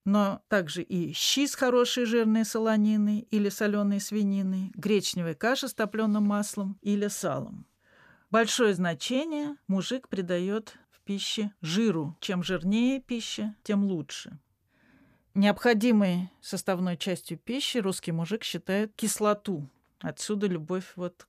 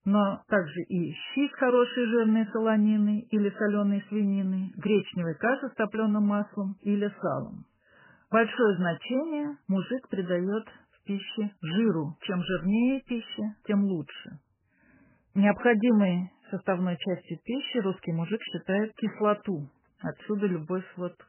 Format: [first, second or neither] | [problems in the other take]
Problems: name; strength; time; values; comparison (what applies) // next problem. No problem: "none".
first | garbled, watery; badly; nothing above 3 kHz